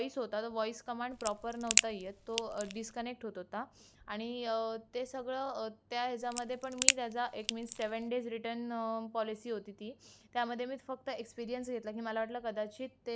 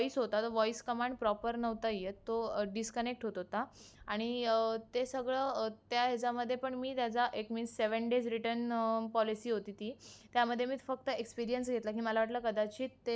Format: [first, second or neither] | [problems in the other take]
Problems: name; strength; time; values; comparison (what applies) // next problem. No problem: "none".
second | background sound (Crack); 3 dB above the speech